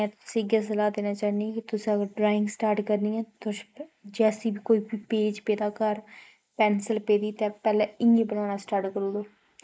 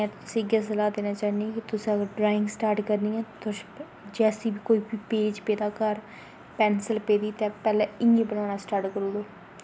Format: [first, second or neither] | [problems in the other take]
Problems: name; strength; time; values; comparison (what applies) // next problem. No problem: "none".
second | noise reduction (neural mask model Resemble Enhance denoiser)